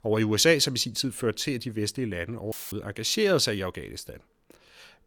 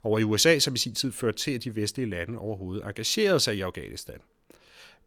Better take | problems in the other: second | audio cutting out; filled with static; at 2.5 s

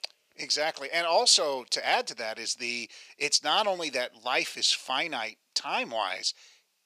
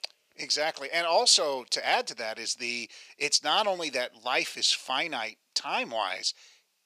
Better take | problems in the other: neither | thin; very; fading below 650 Hz; the same in both

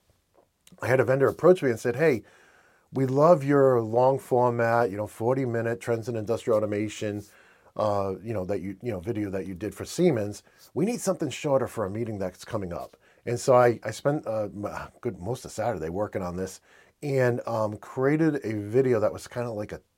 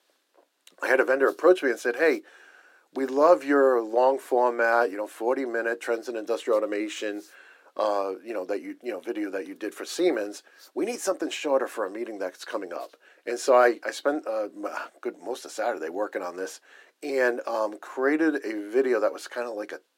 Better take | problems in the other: first | thin; very slightly; fading below 300 Hz

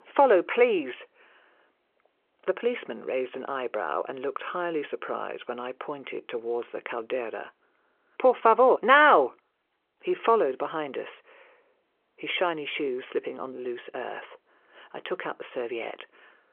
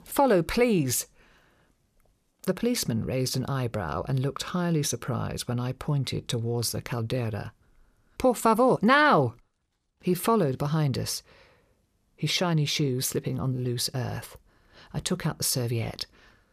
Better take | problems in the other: second | phone-call audio; nothing above 3.5 kHz

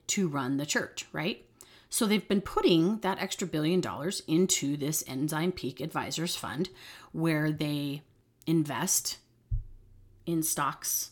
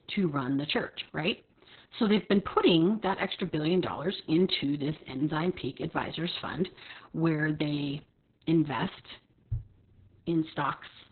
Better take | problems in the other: first | garbled, watery; badly; nothing above 4 kHz

